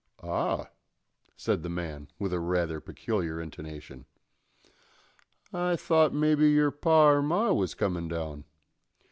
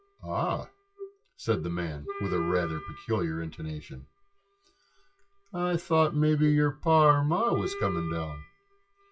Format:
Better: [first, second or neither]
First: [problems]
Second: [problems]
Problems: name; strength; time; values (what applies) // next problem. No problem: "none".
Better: first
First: none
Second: noise reduction (classical method WPE with log-MMSE)